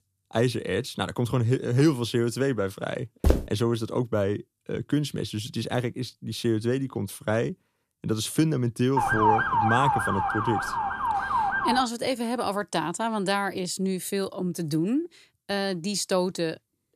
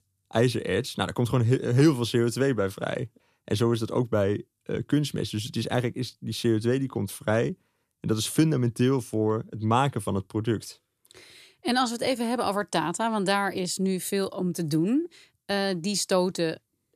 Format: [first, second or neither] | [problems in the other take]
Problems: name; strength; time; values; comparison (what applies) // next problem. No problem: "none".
second | footsteps; loud; at 3 s; peak 2 dB above the speech // siren; loud; from 9 to 12 s; peak 5 dB above the speech